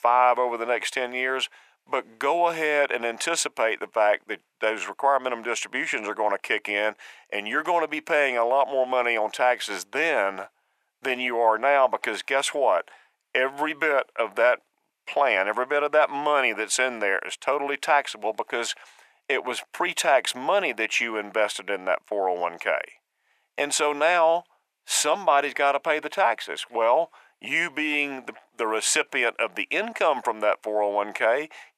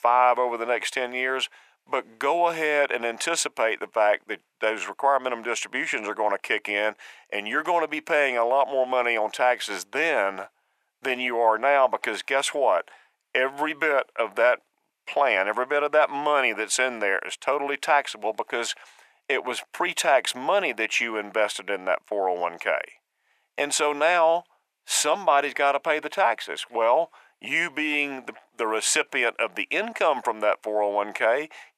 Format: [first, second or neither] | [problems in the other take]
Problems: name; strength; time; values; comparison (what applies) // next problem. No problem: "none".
neither | thin; very; fading below 700 Hz; the same in both